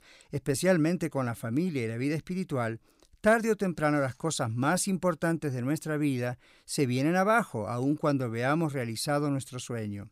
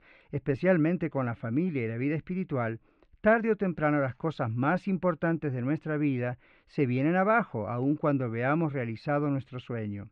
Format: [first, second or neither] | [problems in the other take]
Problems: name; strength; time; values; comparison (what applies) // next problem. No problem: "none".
first | muffled; very; fading above 2.5 kHz